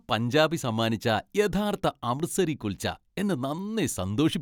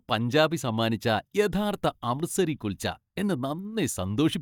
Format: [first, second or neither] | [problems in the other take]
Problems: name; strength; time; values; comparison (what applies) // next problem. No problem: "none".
first | noise reduction (neural mask model DeepFilterNet 3)